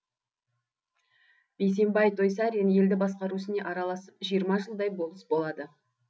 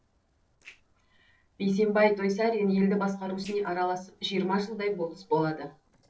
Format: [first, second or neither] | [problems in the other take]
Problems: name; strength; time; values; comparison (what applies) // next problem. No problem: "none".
first | noise reduction (neural separator model SepFormer DNS4)